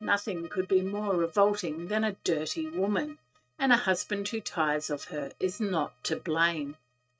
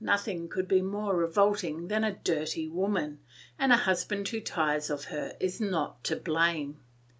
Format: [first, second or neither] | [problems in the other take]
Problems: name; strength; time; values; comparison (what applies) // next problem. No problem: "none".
second | noise reduction (neural mask model RNNoise)